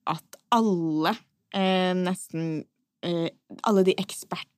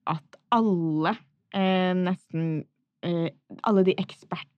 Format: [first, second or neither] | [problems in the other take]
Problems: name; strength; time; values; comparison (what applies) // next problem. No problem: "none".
first | muffled; slightly; fading above 2.5 kHz